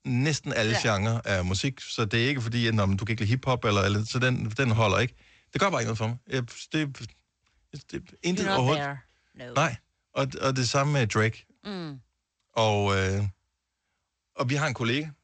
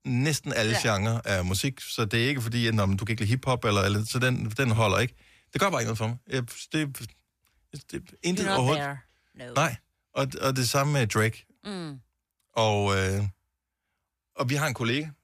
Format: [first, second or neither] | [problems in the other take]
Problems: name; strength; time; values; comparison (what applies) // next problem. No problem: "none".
second | garbled, watery; slightly; nothing above 8 kHz